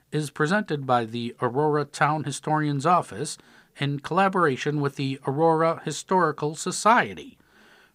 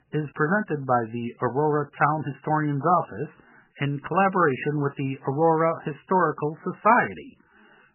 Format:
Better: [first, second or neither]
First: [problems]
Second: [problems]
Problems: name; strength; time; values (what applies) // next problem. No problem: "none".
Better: first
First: none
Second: garbled, watery; badly; nothing above 3 kHz